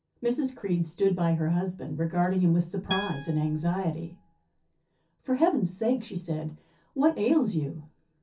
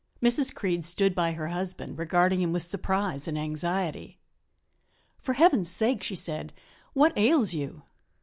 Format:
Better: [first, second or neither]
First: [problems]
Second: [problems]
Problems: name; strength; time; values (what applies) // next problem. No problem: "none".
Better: second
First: background sound (Acoustic guitar); 11 dB below the speech // room echo; dies away in 0.3 s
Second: none